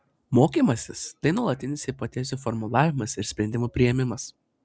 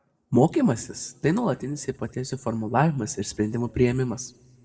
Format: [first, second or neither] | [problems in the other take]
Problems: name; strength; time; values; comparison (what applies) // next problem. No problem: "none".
first | room echo; dies away in 0.9 s